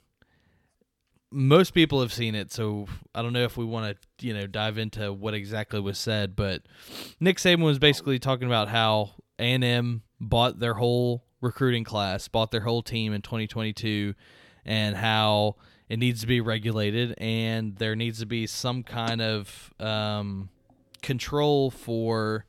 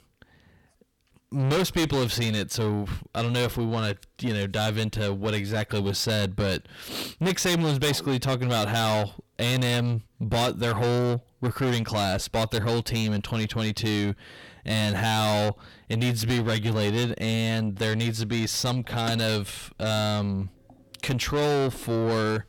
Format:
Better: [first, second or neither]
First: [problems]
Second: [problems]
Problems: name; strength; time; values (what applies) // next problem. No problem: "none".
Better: first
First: none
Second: distortion; heavy; 5 dB below the speech